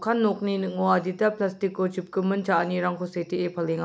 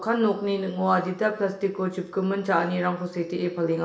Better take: first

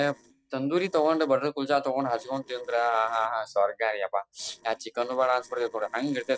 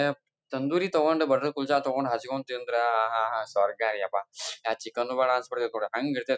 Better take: second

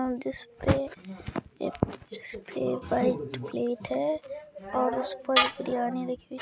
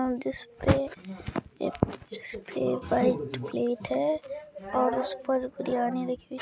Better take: second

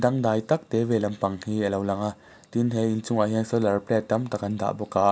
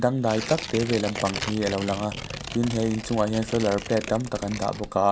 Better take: first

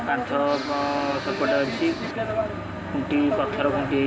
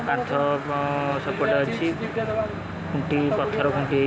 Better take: second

